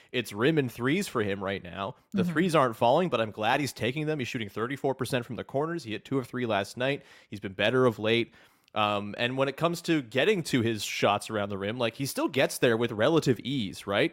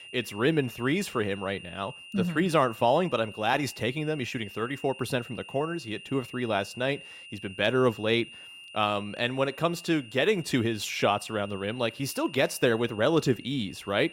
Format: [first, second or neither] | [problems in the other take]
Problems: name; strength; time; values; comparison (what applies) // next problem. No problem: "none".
first | high-pitched whine; noticeable; throughout; 3 kHz, 15 dB below the speech